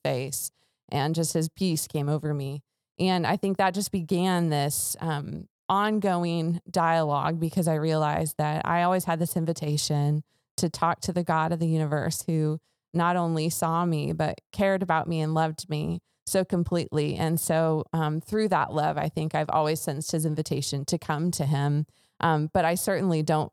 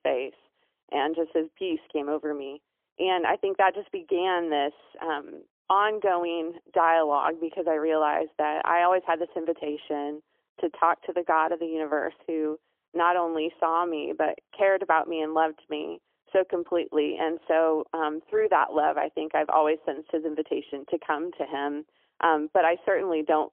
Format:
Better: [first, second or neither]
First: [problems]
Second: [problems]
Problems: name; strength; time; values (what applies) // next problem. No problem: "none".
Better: first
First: none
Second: phone-call audio; poor line; nothing above 3.5 kHz